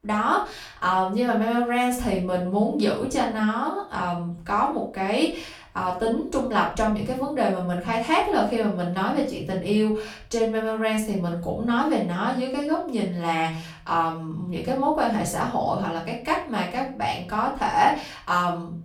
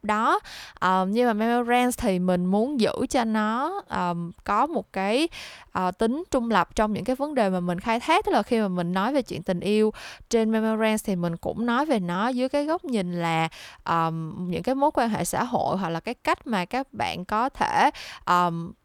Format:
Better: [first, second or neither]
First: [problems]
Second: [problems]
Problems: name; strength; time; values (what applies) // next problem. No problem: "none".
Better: second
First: off-mic speech; far // room echo; slight; dies away in 0.4 s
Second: none